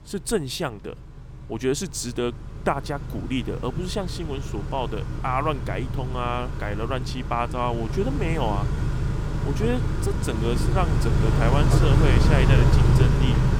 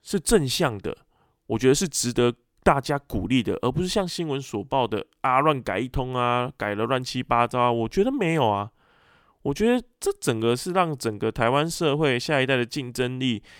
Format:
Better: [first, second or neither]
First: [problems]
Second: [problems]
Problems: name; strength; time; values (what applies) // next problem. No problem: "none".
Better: second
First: traffic noise; very loud; throughout; 4 dB above the speech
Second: none